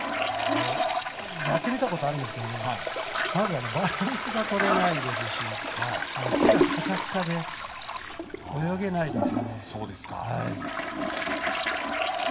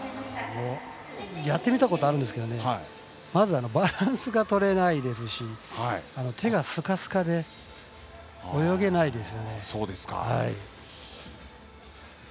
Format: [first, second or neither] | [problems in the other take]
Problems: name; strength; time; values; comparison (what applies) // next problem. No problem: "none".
second | background sound (Toilet flush); 3 dB above the speech // room echo; dies away in 0.3 s